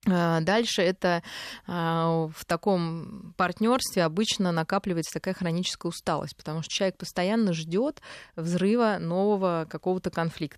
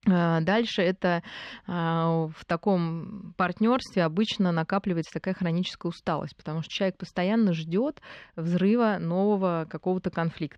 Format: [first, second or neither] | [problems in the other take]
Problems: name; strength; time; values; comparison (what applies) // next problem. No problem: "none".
first | muffled; very slightly; fading above 3 kHz